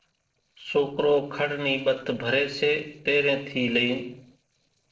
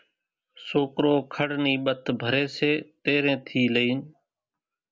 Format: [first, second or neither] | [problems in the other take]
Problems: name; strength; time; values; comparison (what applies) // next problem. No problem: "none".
second | noise reduction (neural separator model SepFormer DNS4)